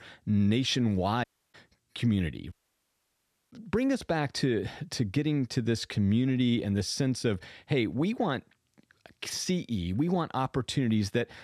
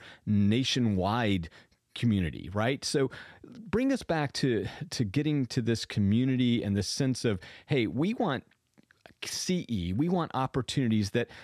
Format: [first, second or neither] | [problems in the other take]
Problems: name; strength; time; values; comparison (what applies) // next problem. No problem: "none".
second | audio cutting out; at 1 s and at 2.5 s for 1 s